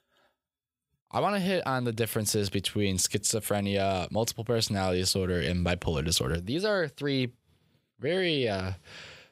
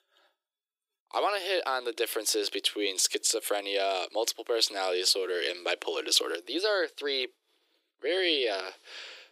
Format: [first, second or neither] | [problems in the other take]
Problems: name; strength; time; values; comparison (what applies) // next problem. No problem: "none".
first | thin; very; fading below 300 Hz